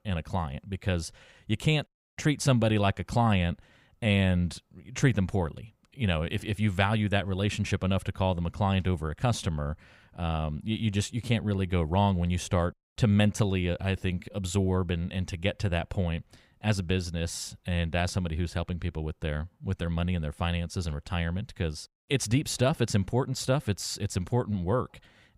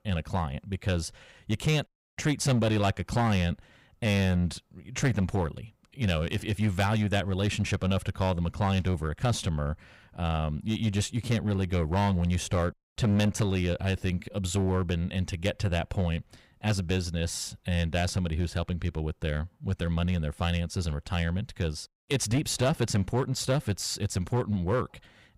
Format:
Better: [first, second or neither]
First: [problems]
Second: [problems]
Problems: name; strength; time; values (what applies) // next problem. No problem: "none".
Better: first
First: none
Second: distortion; slight; 6% of the sound clipped